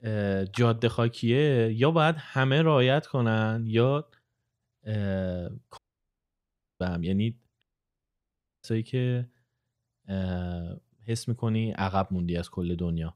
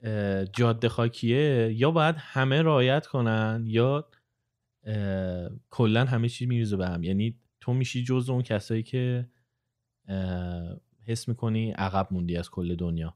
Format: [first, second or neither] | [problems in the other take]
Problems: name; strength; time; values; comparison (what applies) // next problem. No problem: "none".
second | audio cutting out; at 6 s for 1 s and at 7.5 s for 1 s